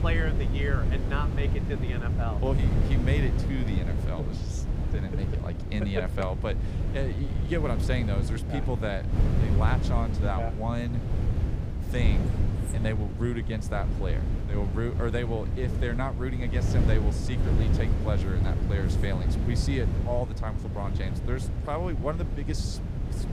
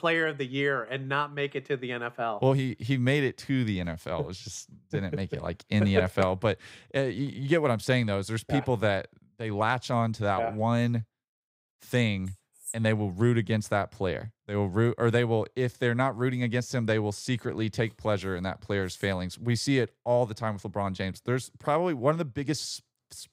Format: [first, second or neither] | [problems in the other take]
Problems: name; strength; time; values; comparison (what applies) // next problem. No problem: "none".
second | wind noise on the microphone; heavy; 5 dB below the speech